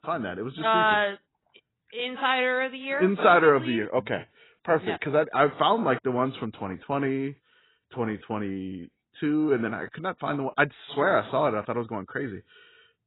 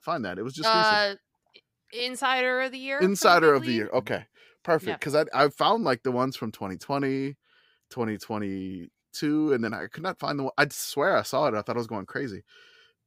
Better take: second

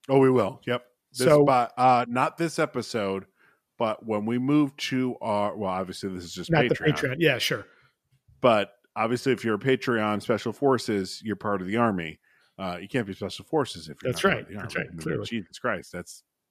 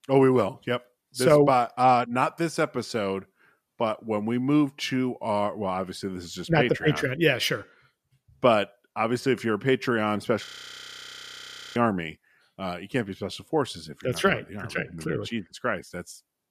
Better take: first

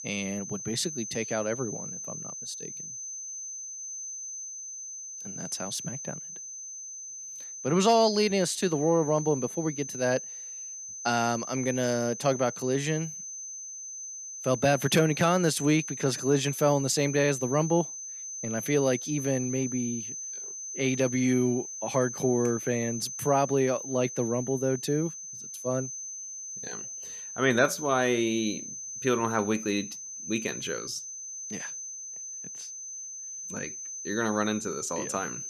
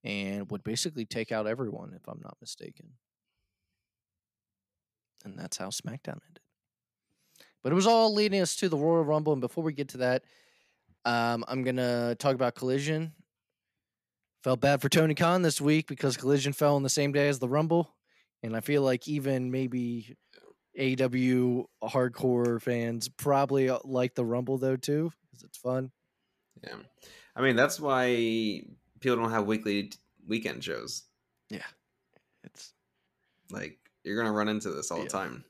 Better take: second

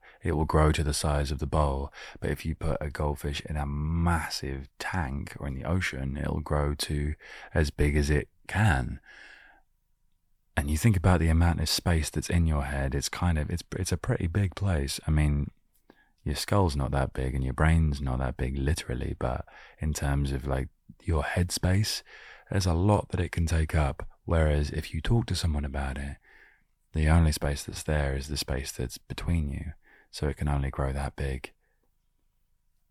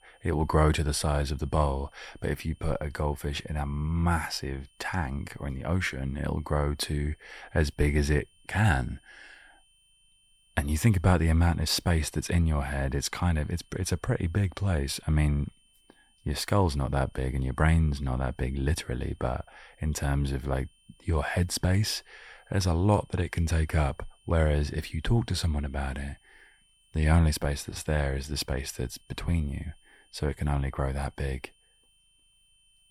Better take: first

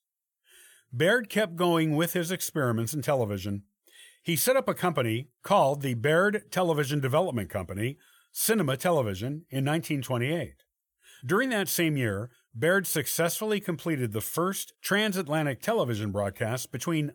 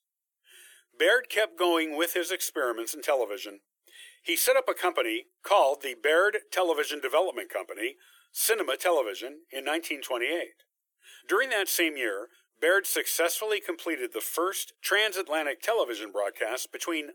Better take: first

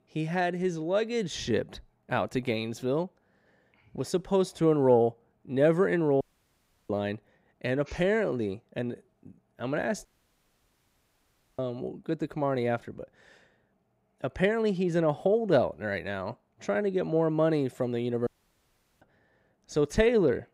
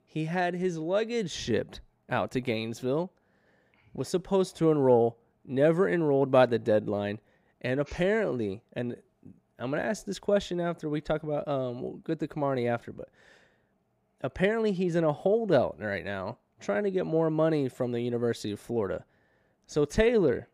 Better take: second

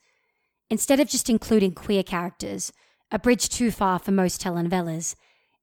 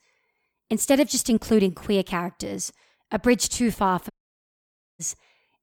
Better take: first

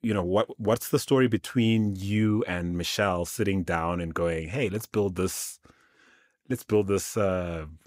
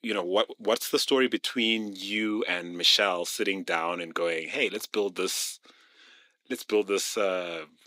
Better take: first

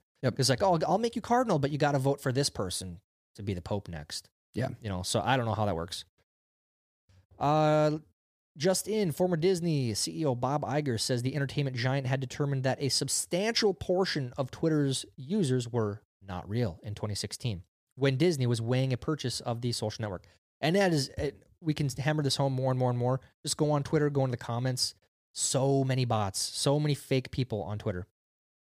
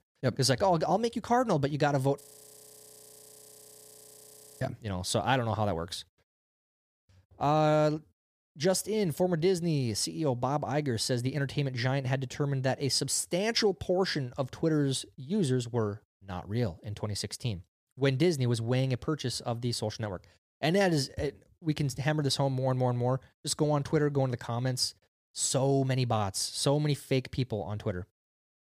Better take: first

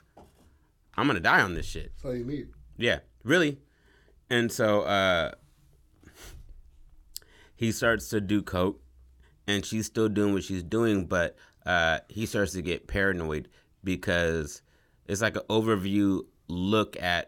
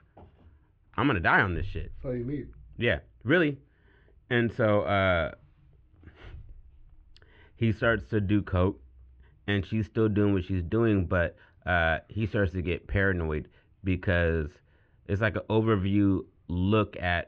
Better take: first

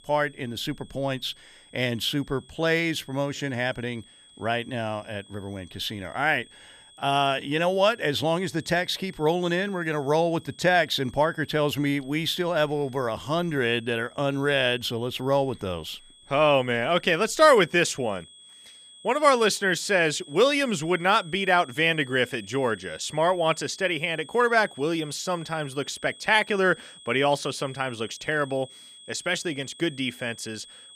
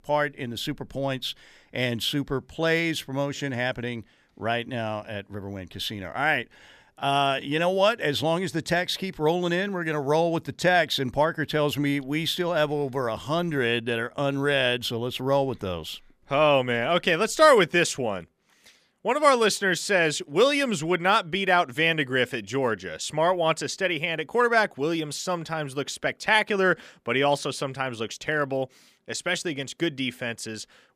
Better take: second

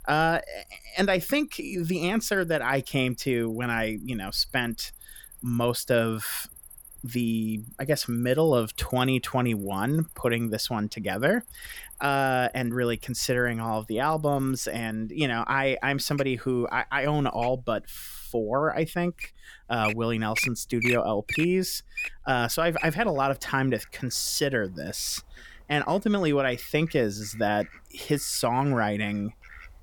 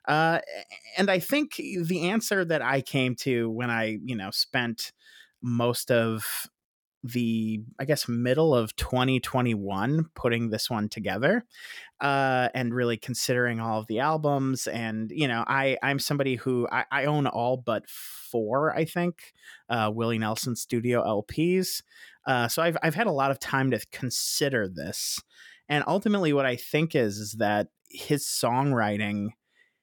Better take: second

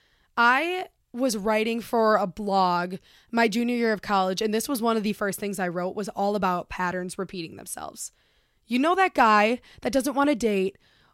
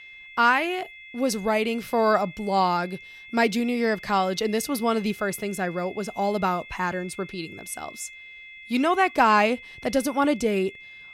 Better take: first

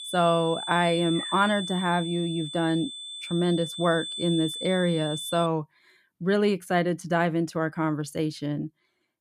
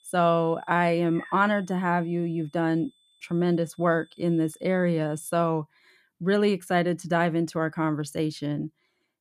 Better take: second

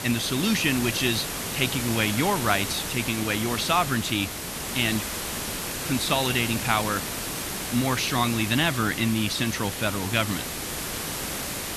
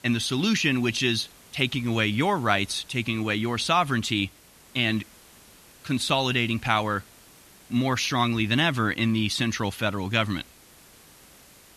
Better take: second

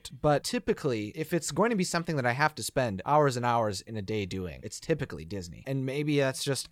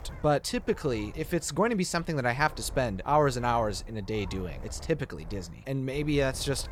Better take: first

